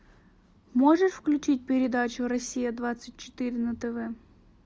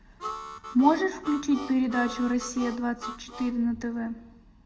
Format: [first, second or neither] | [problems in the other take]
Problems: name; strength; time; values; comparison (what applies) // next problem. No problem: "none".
first | background sound (Harmonica); 12 dB below the speech // room echo; dies away in 0.8 s